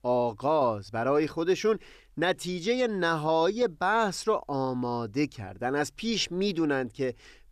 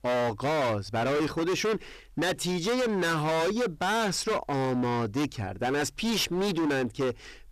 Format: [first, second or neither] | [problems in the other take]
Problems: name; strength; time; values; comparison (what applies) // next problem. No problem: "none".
first | distortion; heavy; 31% of the sound clipped